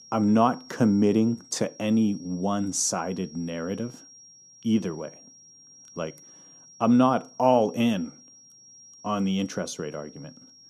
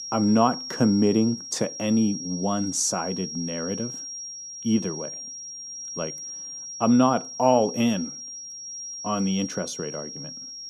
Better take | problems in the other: first | high-pitched whine; loud; throughout; 5.5 kHz, 9 dB below the speech; faint in the first

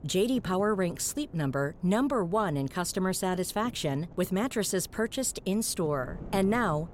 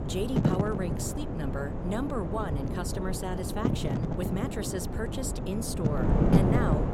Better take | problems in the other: first | wind noise on the microphone; heavy; 1 dB above the speech; occasional gusts in the first

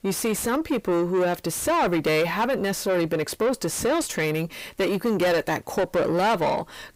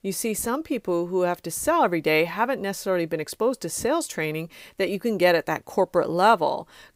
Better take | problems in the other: second | distortion; heavy; 7 dB below the speech

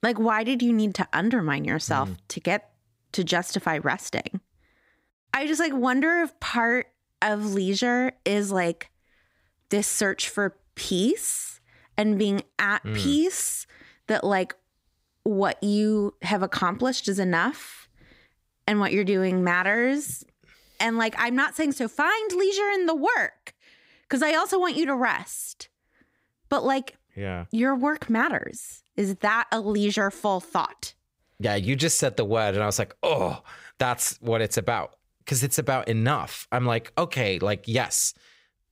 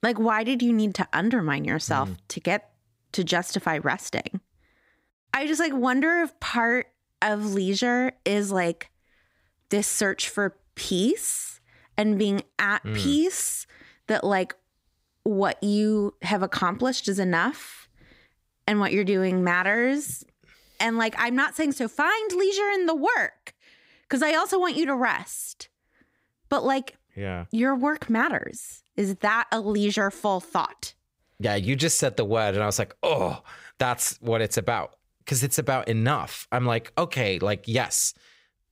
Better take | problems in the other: neither | none

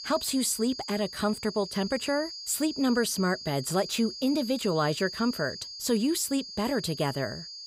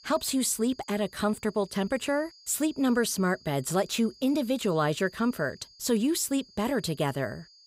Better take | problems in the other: second | high-pitched whine; loud; throughout; 5 kHz, 9 dB below the speech; faint in the second

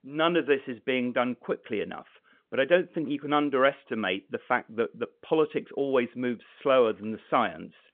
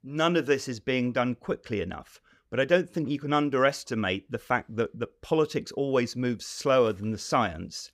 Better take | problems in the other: second | phone-call audio; nothing above 3.5 kHz

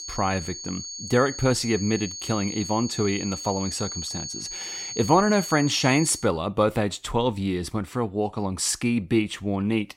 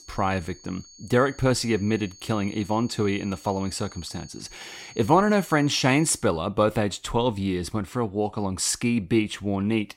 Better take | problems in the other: second | high-pitched whine; loud; until 6 s; 6.5 kHz, 8 dB below the speech; faint in the second

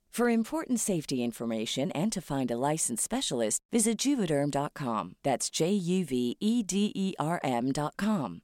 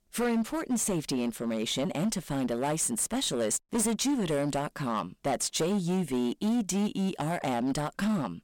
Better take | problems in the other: first | distortion; slight; 14% of the sound clipped

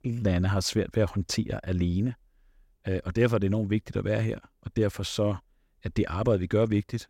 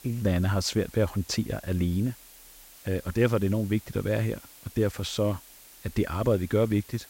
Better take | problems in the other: first | hiss; faint; throughout; 20 dB below the speech

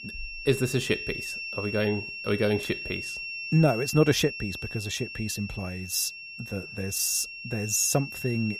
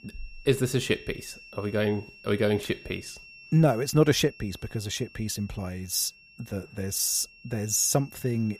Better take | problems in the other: second | high-pitched whine; loud; throughout; 2.5 kHz, 8 dB below the speech; faint in the second

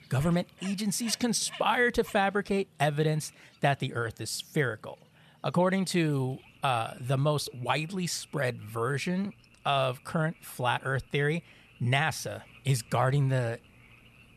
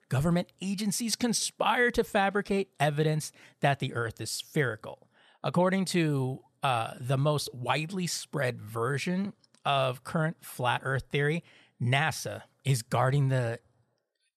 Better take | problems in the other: second | animal sounds; faint; throughout; 25 dB below the speech

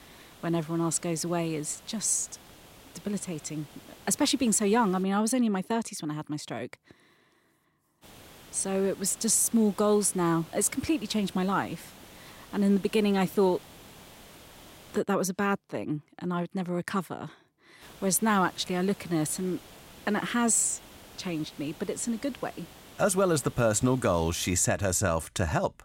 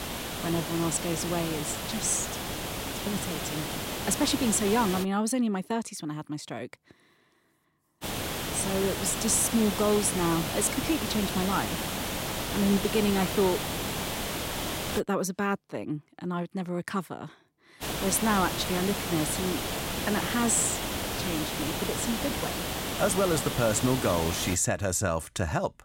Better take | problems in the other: first | hiss; loud; until 5 s, from 8 to 15 s and from 18 to 25 s; 3 dB below the speech; faint in the first

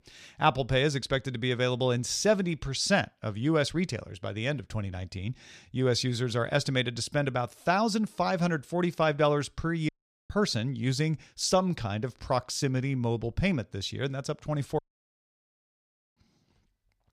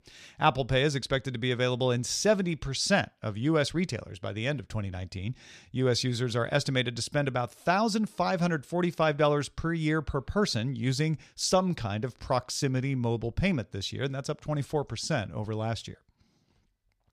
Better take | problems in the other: second | audio cutting out; at 10 s and at 15 s for 1.5 s

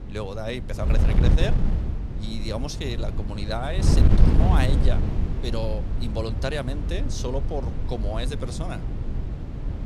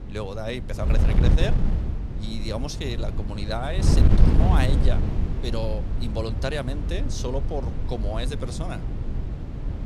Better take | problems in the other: neither | wind noise on the microphone; heavy; 4 dB below the speech; the same in both

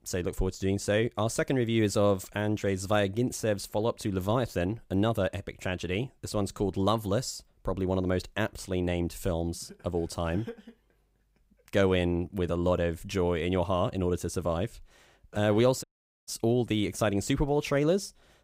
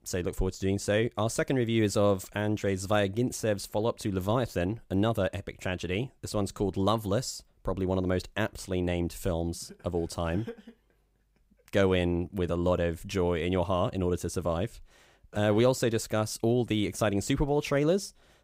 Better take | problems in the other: second | audio cutting out; at 16 s

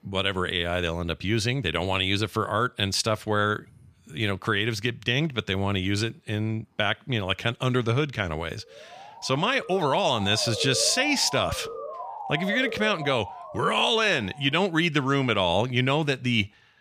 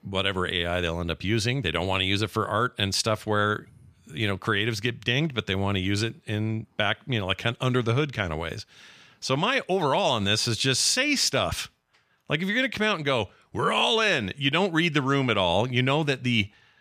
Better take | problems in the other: second | siren; noticeable; from 9 to 15 s; peak 7 dB below the speech

